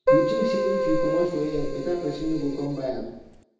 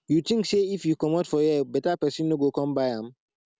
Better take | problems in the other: second | background sound (Keyboard (musical)); 2 dB above the speech // room echo; dies away in 0.8 s

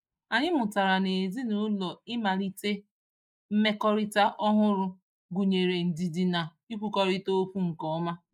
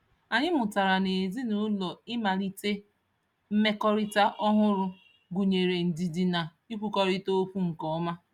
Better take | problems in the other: second | noise reduction (neural mask model Resemble Enhance denoiser)

